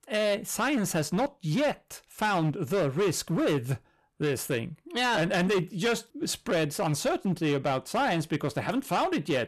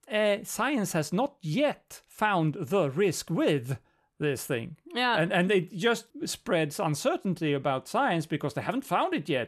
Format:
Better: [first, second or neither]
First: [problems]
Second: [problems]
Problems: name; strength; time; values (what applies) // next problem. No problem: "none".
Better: second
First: distortion; slight; 13% of the sound clipped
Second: none